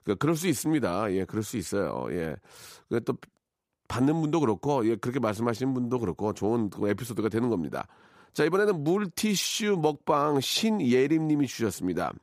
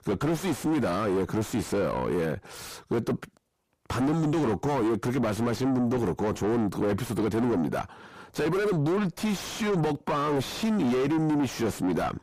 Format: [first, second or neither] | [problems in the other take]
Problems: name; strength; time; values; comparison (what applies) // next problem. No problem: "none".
first | distortion; heavy; 5 dB below the speech